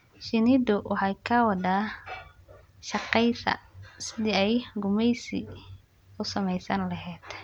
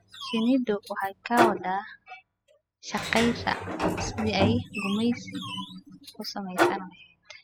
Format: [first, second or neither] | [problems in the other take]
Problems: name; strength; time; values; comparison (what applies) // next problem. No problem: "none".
first | noise reduction (classical method spectral subtraction)